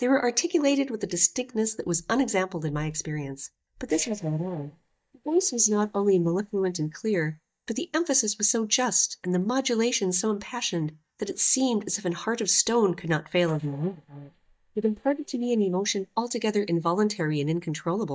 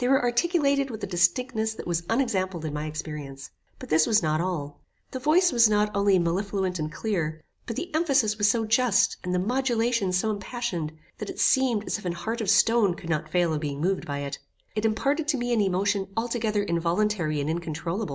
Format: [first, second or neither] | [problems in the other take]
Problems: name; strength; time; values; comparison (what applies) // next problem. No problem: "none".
second | noise reduction (neural mask model DeepFilterNet 3)